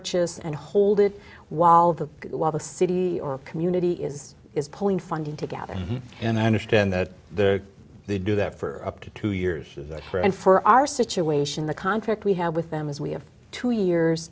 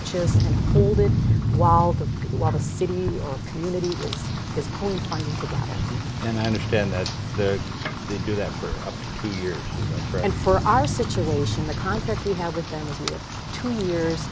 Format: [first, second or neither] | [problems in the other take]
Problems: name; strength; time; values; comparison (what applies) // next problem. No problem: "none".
first | background sound (Rain); 1 dB above the speech